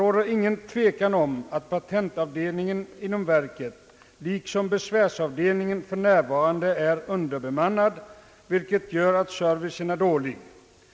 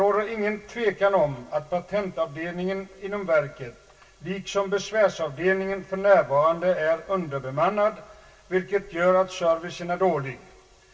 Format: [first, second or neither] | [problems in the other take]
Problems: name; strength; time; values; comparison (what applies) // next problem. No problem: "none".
first | room echo; dies away in 0.1 s